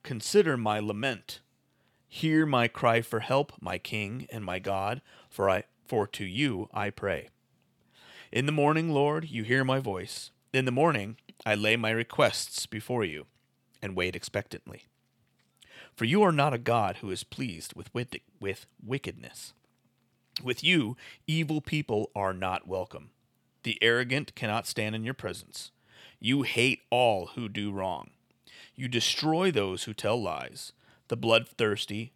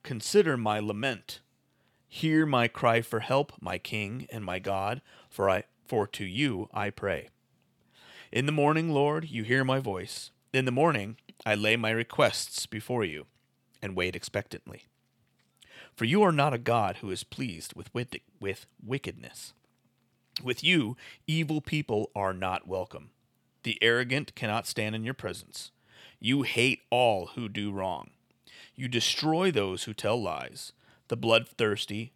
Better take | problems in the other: neither | none

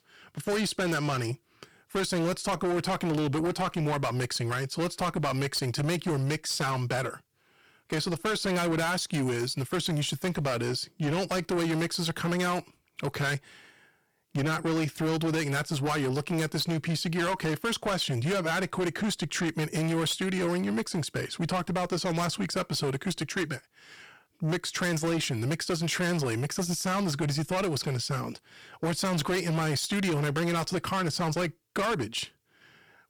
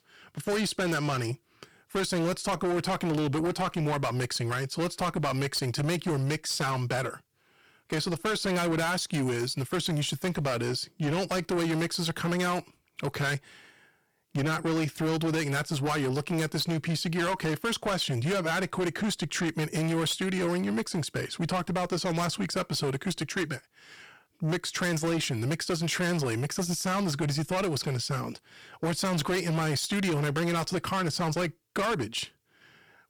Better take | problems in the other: neither | distortion; heavy; 7 dB below the speech; the same in both

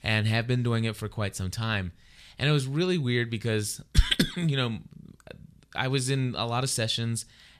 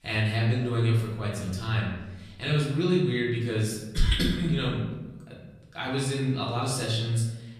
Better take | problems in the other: first | room echo; noticeable; dies away in 1 s // off-mic speech; far

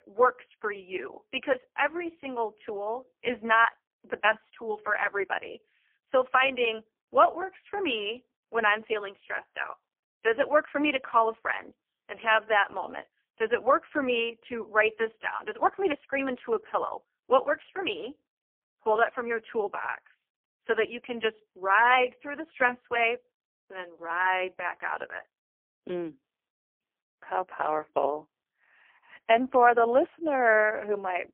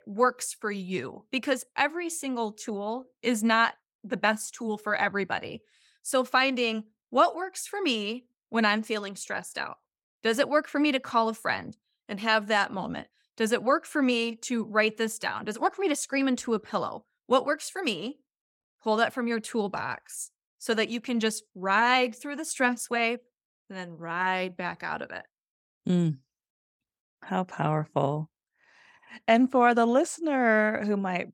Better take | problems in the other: second | phone-call audio; poor line; nothing above 3 kHz

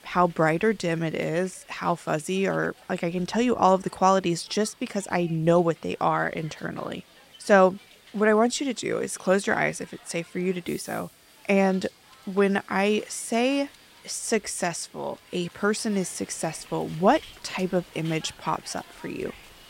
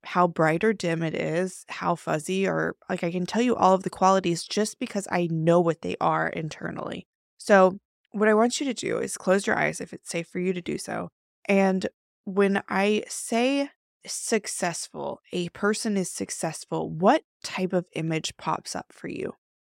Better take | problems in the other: second | hiss; faint; throughout; 25 dB below the speech

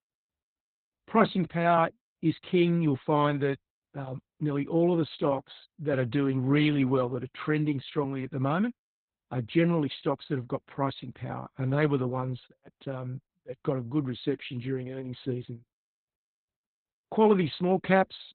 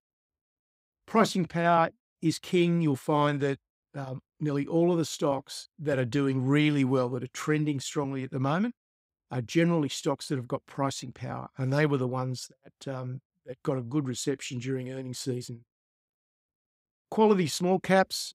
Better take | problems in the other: second | garbled, watery; badly; nothing above 4 kHz

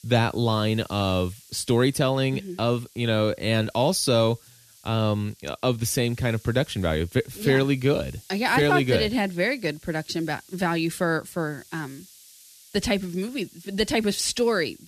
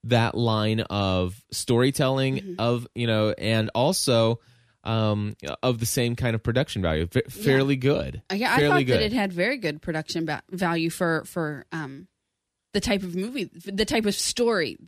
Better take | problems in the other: second | hiss; faint; throughout; 25 dB below the speech

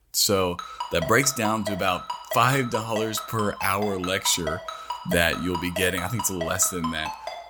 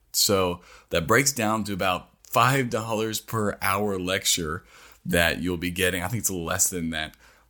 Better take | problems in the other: second | phone ringing; noticeable; from 0.5 s on; peak 8 dB below the speech

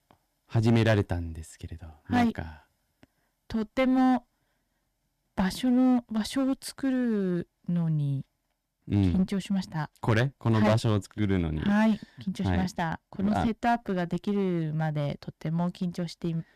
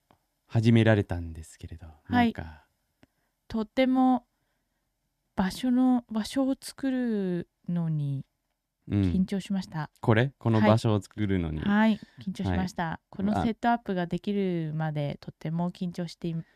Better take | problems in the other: second | distortion; slight; 6% of the sound clipped

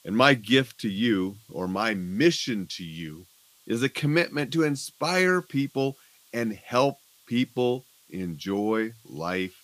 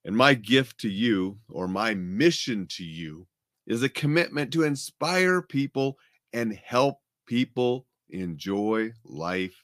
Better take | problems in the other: second | hiss; faint; throughout; 30 dB below the speech

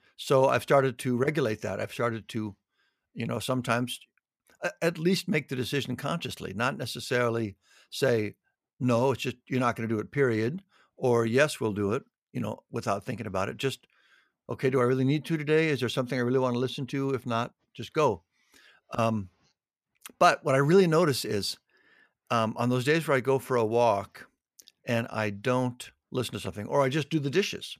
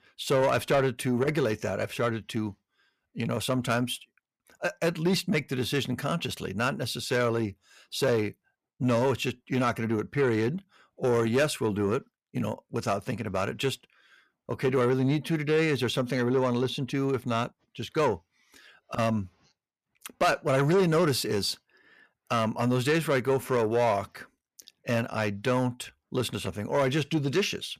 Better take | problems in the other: first | distortion; slight; 10 dB below the speech

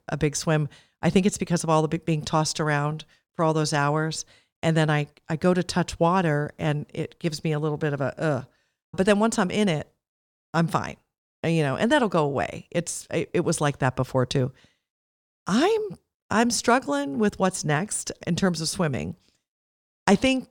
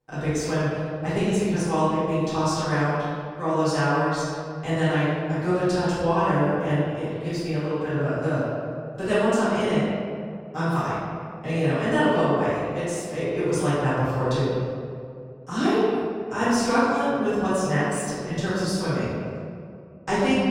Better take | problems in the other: first | off-mic speech; far // room echo; strong; dies away in 2 s

